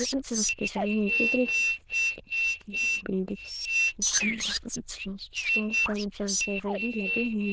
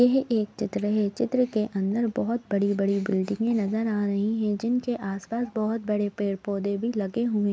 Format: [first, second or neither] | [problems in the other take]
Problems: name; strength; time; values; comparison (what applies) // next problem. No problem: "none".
second | noise reduction (neural diffusion model UNIVERSE++)